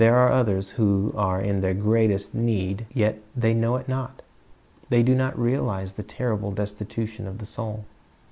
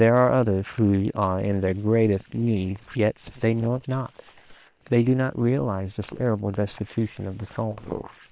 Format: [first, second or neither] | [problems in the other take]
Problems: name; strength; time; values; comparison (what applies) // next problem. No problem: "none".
first | noise reduction (neural separator model SepFormer WHAM!)